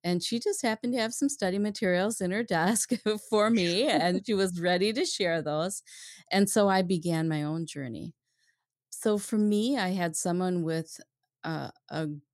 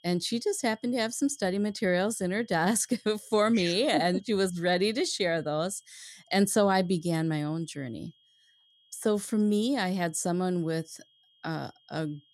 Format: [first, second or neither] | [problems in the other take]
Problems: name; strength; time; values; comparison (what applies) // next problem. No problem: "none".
first | high-pitched whine; faint; throughout; 3.5 kHz, 35 dB below the speech